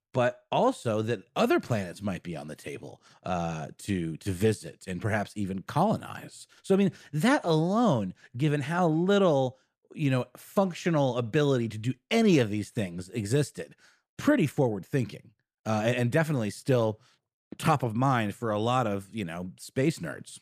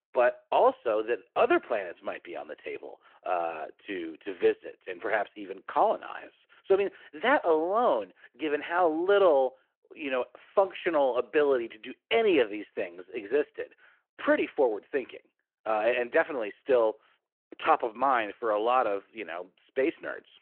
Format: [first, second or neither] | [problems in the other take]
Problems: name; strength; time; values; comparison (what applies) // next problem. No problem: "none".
first | phone-call audio